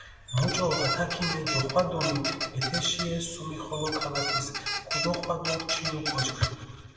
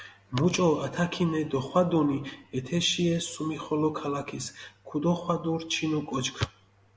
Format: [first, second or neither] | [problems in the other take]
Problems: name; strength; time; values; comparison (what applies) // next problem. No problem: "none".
second | background sound (Squeak); 3 dB below the speech // room echo; dies away in 1.7 s